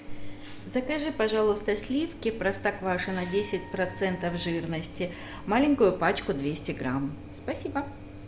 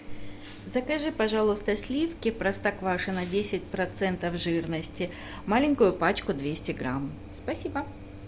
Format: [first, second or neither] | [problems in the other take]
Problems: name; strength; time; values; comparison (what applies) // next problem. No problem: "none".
second | background sound (Wind instrument, woodwind instrument); 20 dB below the speech // room echo; dies away in 1.6 s